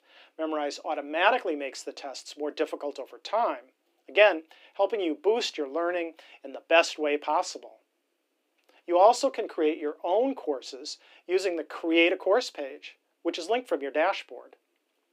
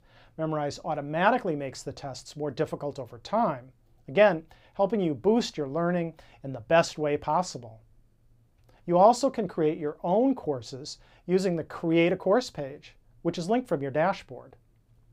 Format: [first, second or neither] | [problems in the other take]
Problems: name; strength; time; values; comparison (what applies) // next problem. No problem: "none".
second | thin; somewhat; fading below 300 Hz